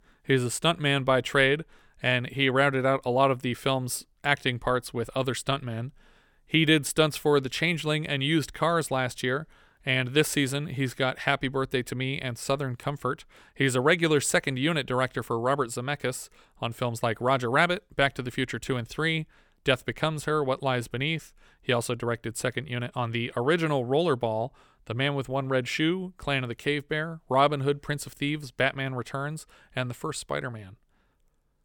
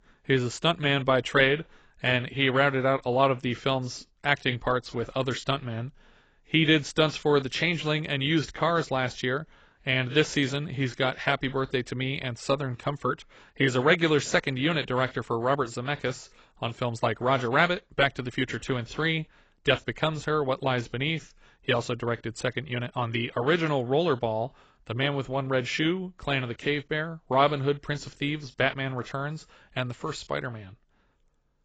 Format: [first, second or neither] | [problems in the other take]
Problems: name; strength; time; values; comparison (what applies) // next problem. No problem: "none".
first | garbled, watery; badly; nothing above 7.5 kHz